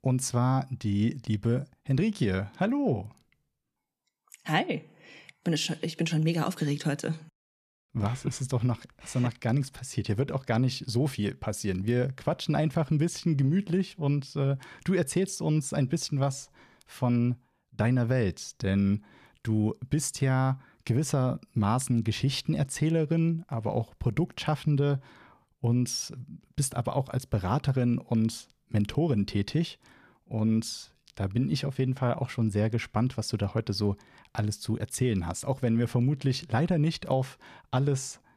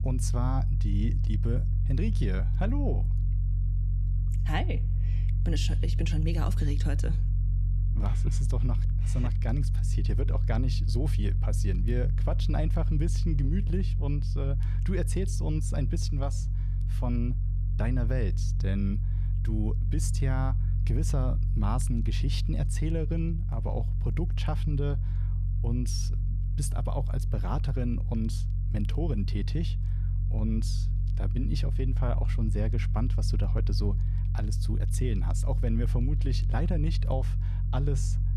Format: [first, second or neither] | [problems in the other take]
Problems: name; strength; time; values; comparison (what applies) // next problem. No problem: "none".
first | low rumble; loud; throughout; 7 dB below the speech